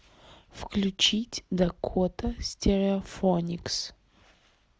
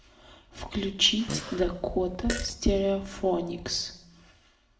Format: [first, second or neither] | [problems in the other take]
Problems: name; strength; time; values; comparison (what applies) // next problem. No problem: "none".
first | background sound (Fart); 9 dB below the speech // room echo; dies away in 0.6 s